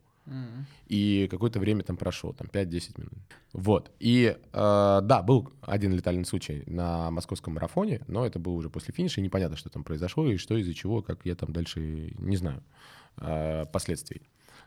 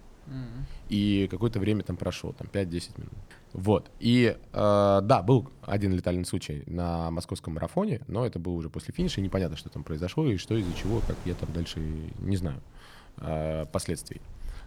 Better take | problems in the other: first | wind noise on the microphone; occasional gusts; until 6 s and from 9 s on; 25 dB below the speech

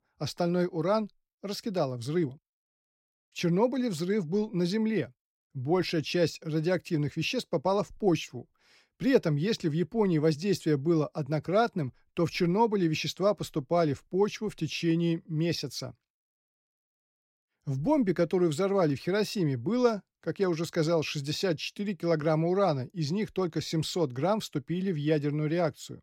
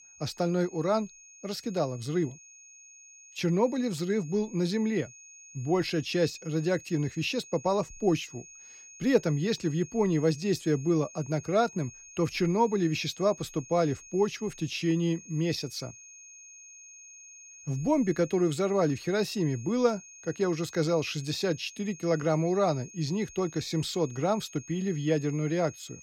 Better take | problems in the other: first | high-pitched whine; noticeable; throughout; 6.5 kHz, 20 dB below the speech

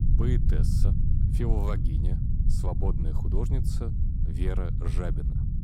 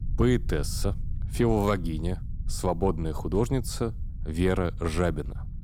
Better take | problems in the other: second | low rumble; loud; throughout; 3 dB below the speech; faint in the second

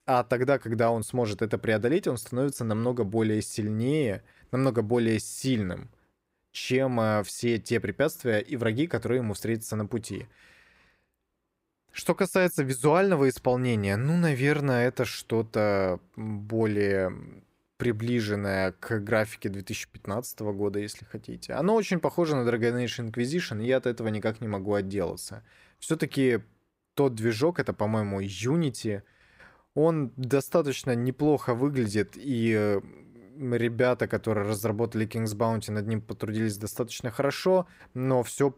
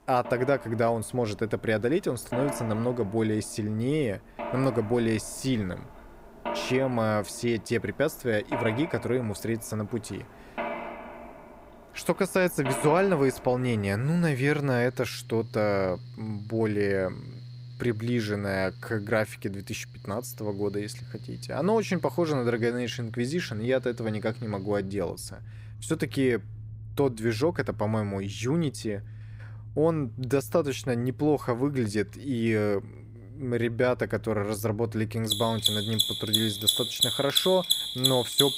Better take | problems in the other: first | machinery noise; loud; throughout; 5 dB below the speech

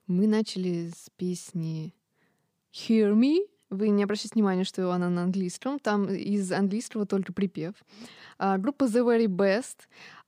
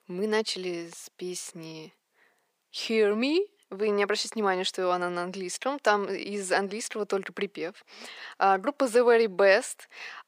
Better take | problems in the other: first | thin; very; fading below 550 Hz

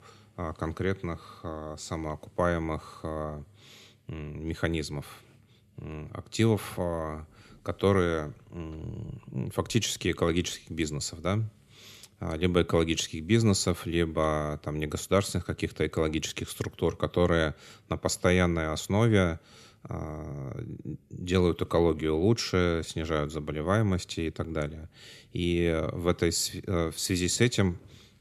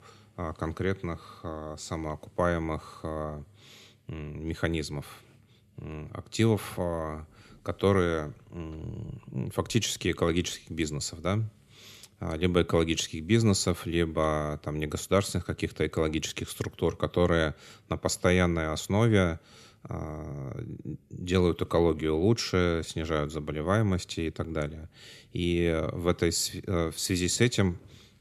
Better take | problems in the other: neither | none

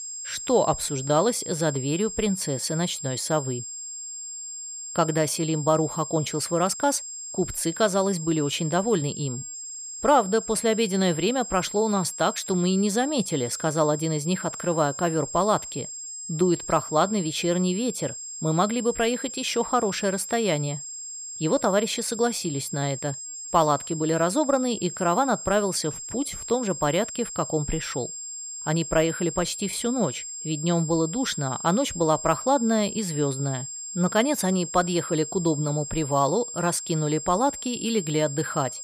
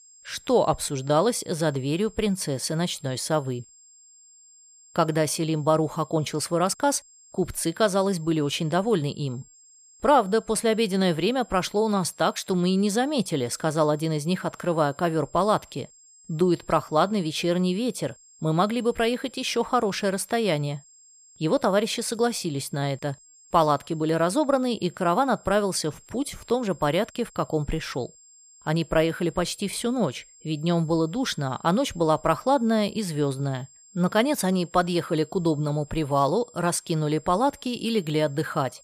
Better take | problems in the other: second | high-pitched whine; loud; throughout; 7.5 kHz, 8 dB below the speech; faint in the second

